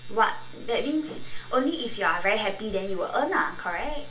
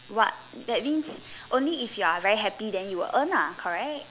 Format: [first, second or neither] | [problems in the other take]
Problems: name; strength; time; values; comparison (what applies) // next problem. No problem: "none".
second | background sound (Sink (filling or washing) / Water tap, faucet); 17 dB below the speech // room echo; dies away in 0.2 s